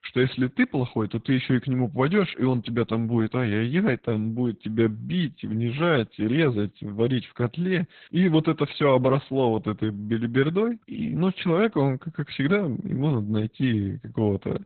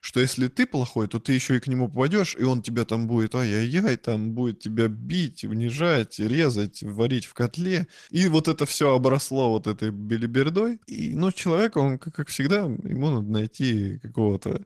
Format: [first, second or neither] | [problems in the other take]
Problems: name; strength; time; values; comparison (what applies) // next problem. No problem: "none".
second | garbled, watery; badly; nothing above 4 kHz; slightly in the second